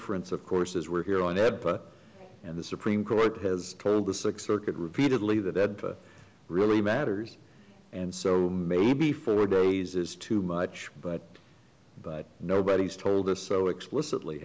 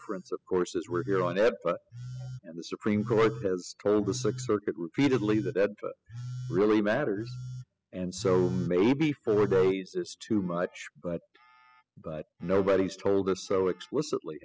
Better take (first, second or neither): first